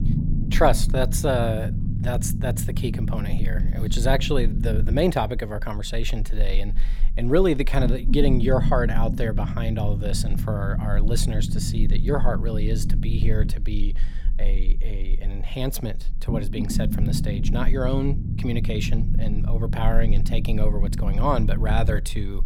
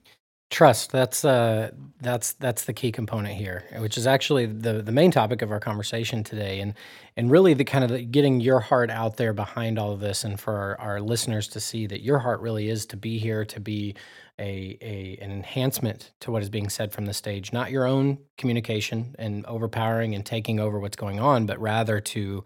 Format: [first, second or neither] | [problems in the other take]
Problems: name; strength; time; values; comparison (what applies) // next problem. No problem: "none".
second | low rumble; loud; throughout; 10 dB below the speech